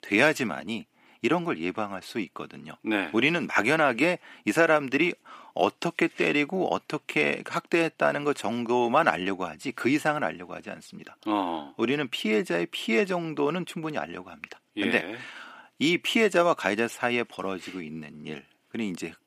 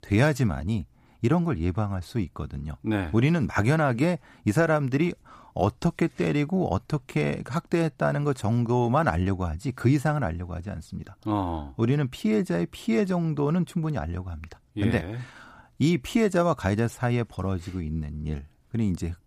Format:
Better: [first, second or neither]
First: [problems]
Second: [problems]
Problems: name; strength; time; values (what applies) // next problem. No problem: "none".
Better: second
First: thin; somewhat; fading below 250 Hz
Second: none